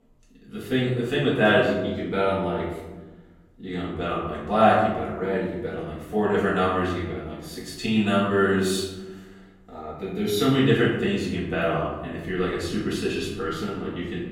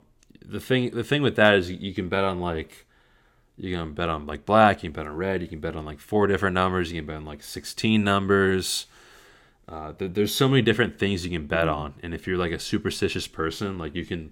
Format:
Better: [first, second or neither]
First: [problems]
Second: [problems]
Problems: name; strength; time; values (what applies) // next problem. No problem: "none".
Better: second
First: room echo; noticeable; dies away in 1 s // off-mic speech; far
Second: none